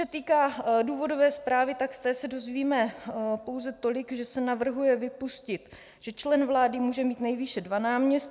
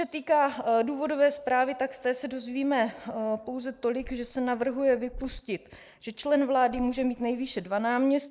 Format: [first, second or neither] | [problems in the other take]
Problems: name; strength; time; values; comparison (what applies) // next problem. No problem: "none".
first | noise reduction (neural mask model Resemble Enhance denoiser)